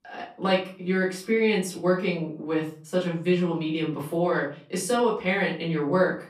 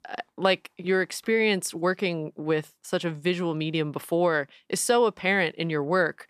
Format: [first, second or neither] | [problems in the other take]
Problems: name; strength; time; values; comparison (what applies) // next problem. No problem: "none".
second | off-mic speech; far // room echo; slight; dies away in 0.4 s